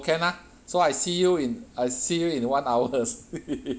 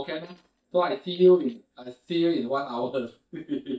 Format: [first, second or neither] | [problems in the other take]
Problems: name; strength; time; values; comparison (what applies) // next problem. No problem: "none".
first | noise reduction (neural mask model DeepFilterNet 3)